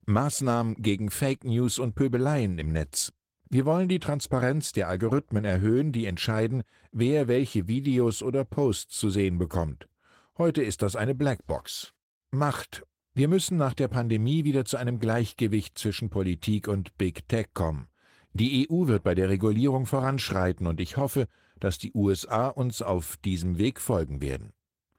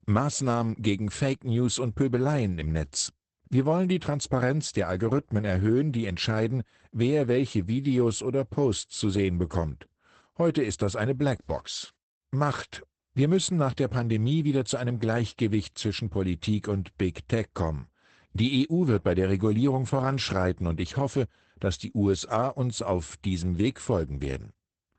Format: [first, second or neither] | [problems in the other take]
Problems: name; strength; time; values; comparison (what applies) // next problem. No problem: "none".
first | garbled, watery; badly; nothing above 8 kHz; slightly in the first